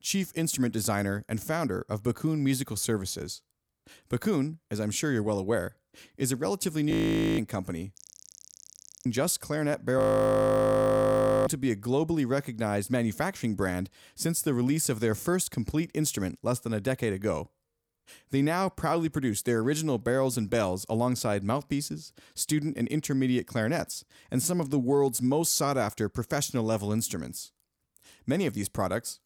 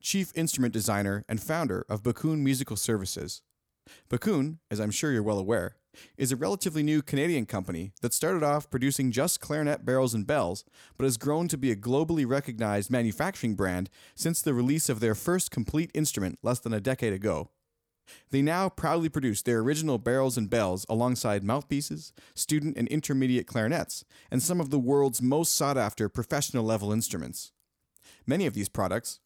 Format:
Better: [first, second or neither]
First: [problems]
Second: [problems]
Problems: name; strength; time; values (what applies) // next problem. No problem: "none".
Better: second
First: audio freezing; at 7 s, at 8 s for 1 s and at 10 s for 1.5 s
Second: none